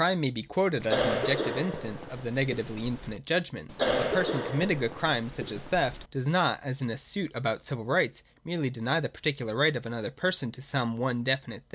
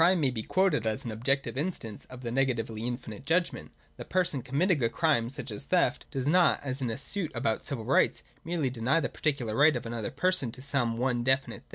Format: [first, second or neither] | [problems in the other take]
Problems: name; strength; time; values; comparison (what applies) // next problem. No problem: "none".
second | background sound (Cough); 3 dB below the speech